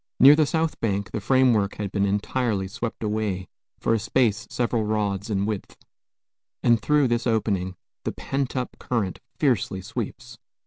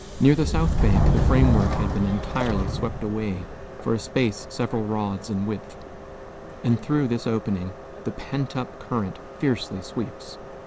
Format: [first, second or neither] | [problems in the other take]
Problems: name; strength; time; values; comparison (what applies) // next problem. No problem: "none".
first | background sound (Subway, metro, underground); 1 dB below the speech